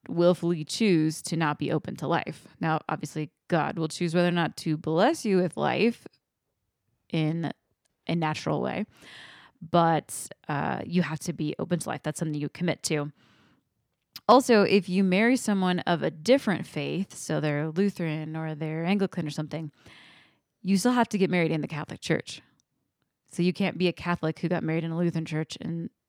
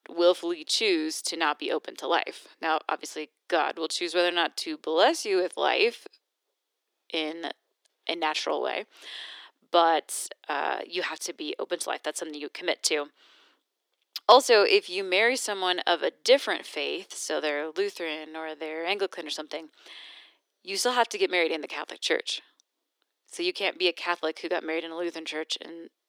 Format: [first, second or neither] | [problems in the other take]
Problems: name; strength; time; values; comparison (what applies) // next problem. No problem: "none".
first | thin; very; fading below 350 Hz